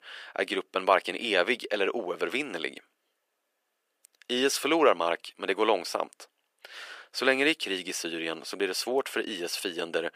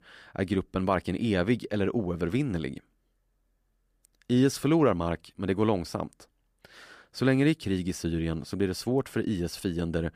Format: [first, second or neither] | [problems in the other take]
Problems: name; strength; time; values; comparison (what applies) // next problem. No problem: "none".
second | thin; very; fading below 450 Hz